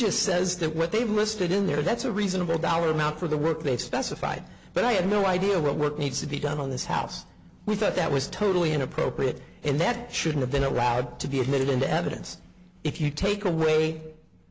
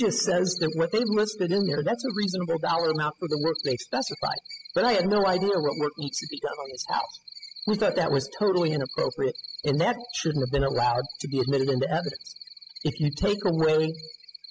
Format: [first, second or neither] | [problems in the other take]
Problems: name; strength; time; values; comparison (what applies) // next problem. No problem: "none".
first | noise reduction (classical method spectral subtraction)